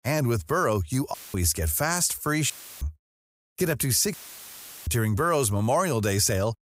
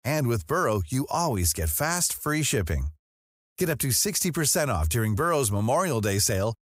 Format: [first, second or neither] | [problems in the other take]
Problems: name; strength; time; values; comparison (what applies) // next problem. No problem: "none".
second | audio cutting out; filled with static; at 1 s, at 2.5 s and at 4 s for 0.5 s